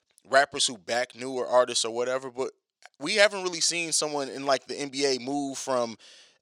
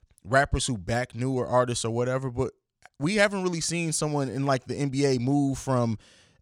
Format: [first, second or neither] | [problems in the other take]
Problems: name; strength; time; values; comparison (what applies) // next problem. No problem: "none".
second | thin; somewhat; fading below 400 Hz